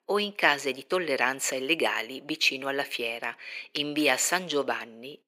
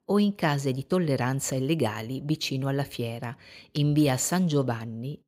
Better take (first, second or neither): second